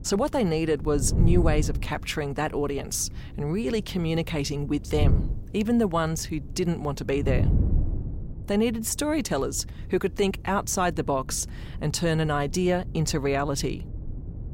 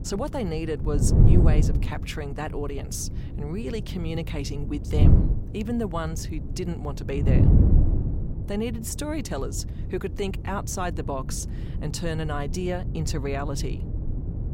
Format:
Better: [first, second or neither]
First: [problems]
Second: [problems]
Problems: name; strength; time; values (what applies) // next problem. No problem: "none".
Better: first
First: wind noise on the microphone; occasional gusts; 15 dB below the speech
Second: wind noise on the microphone; heavy; 5 dB below the speech